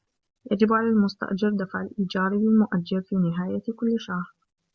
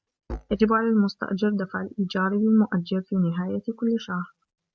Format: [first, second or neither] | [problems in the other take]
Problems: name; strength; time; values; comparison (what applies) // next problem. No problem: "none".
first | noise reduction (neural mask model RNNoise)